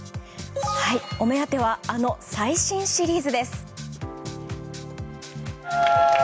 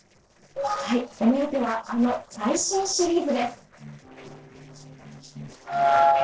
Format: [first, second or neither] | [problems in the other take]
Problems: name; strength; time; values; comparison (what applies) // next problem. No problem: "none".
first | noise reduction (neural separator model SepFormer DNS4)